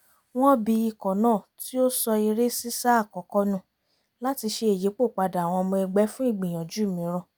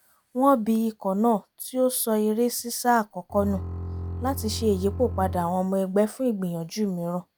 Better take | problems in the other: first | background sound (Bowed string instrument); 8 dB below the speech

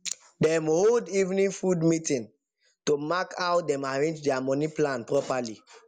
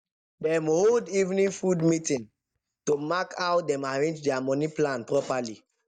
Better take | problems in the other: first | noise reduction (neural mask model DeepFilterNet 3)

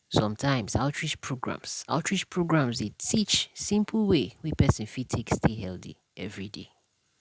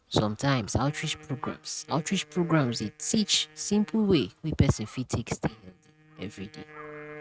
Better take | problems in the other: first | noise reduction (neural mask model RNNoise)

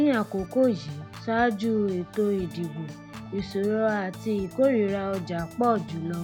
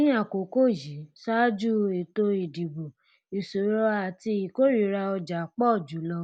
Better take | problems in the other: second | background sound (Organ); 15 dB below the speech

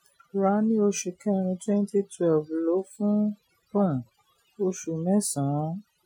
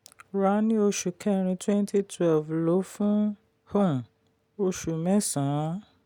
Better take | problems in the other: second | noise reduction (classical method Wiener filter)

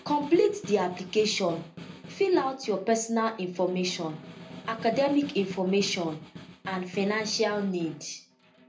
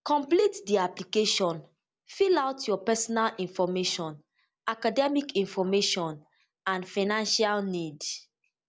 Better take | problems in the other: second | background sound (Snare drum); 16 dB below the speech // room echo; dies away in 0.3 s

